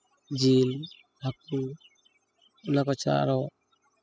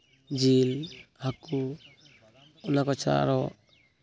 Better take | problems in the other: second | noise reduction (classical method spectral subtraction)

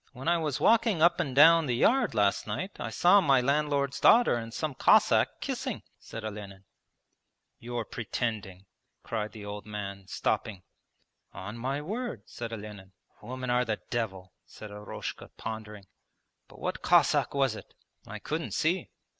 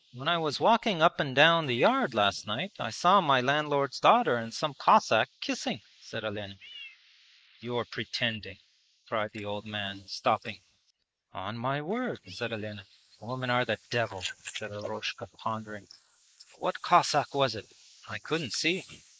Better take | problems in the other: first | noise reduction (neural mask model Resemble Enhance denoiser)

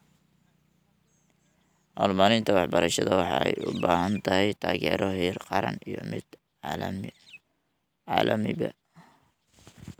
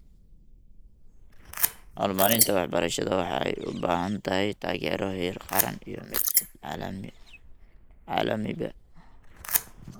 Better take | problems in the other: first | noise reduction (neural mask model Resemble Enhance denoiser)

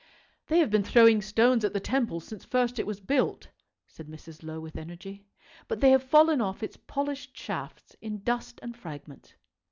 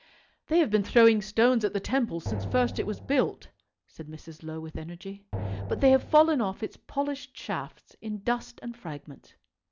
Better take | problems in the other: first | background sound (Drum); 9 dB below the speech

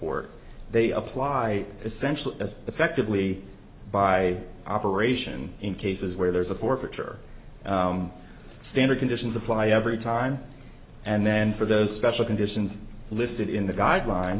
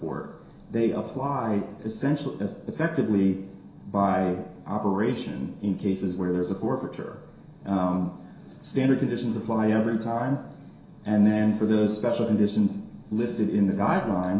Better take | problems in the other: first | room echo; dies away in 0.7 s

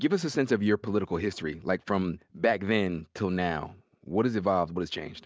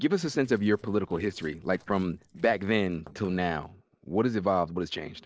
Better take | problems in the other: first | noise reduction (neural separator model SepFormer DNS4)

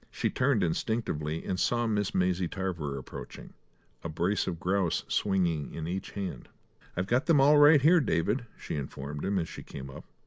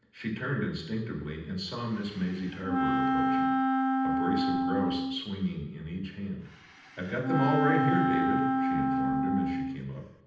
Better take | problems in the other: first | background sound (Wind instrument, woodwind instrument); 4 dB above the speech // room echo; dies away in 0.9 s

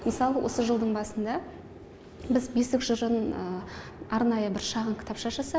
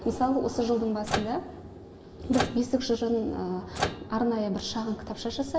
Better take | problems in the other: first | background sound (Microwave oven); 6 dB below the speech // room echo; dies away in 2.7 s

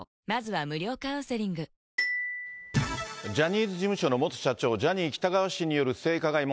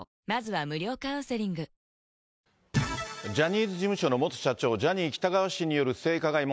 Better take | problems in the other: second | background sound (Glockenspiel); 10 dB below the speech

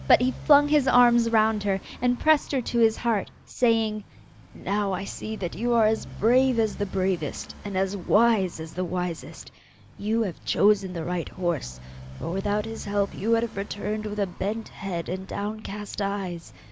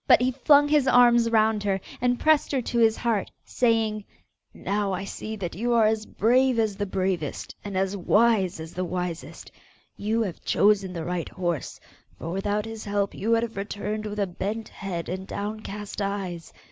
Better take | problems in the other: second | background sound (Motorcycle); 18 dB below the speech

